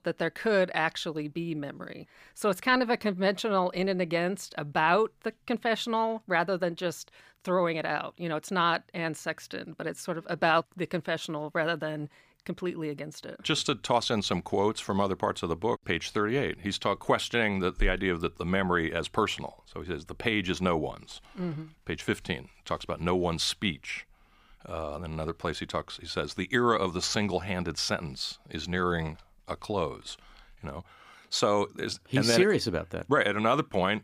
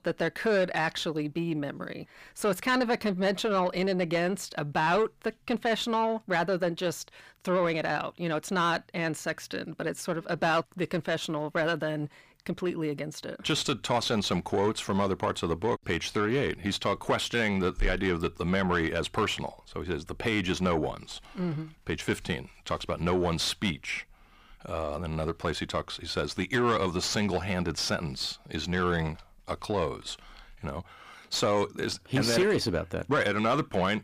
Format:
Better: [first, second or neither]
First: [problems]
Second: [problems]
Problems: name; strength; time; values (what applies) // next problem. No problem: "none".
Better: first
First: none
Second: distortion; slight; 10 dB below the speech